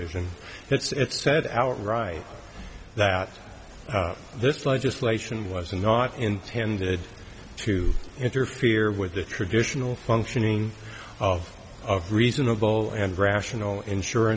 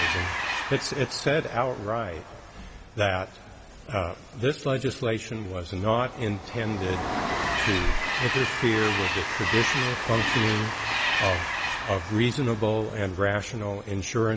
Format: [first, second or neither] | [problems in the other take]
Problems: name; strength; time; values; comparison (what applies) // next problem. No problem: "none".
first | background sound (Train); 3 dB below the speech